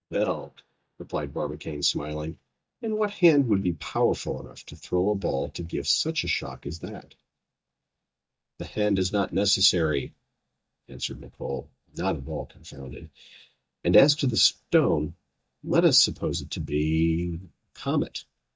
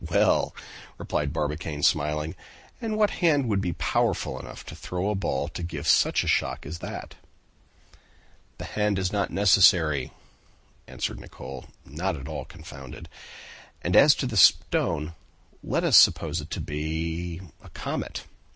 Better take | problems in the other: second | noise reduction (neural mask model DeepFilterNet 3)

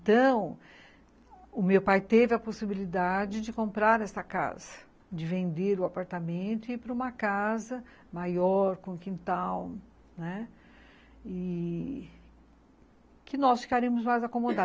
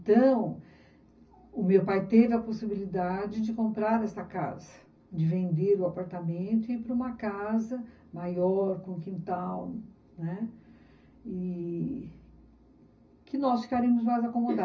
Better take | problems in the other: first | room echo; dies away in 0.4 s

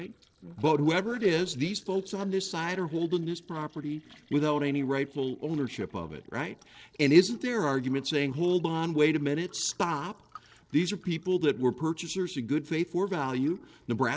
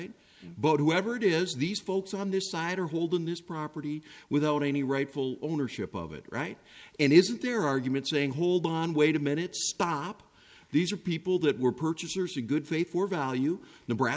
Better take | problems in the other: second | noise reduction (neural separator model SepFormer DNS4)

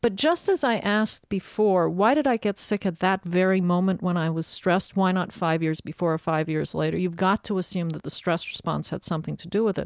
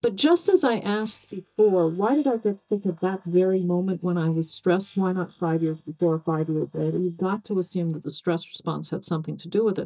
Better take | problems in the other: first | noise reduction (neural mask model DeepFilterNet 3)

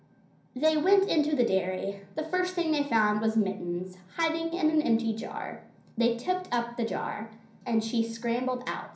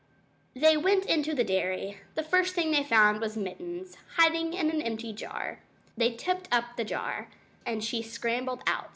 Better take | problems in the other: second | room echo; dies away in 0.6 s

